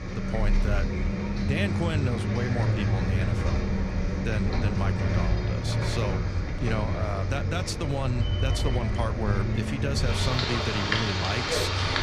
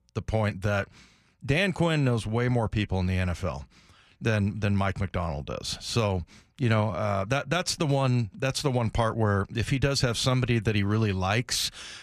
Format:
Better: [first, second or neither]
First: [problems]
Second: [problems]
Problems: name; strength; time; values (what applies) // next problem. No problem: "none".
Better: second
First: traffic noise; very loud; throughout; 4 dB above the speech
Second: none